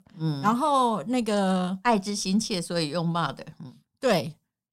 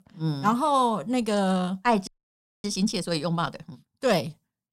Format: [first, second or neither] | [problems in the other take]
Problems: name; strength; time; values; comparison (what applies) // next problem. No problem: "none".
first | audio freezing; at 2 s for 0.5 s